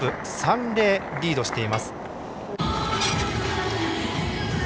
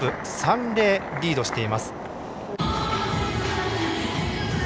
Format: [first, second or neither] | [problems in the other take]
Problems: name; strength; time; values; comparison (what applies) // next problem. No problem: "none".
second | background sound (Dishes, pots, and pans); 12 dB below the speech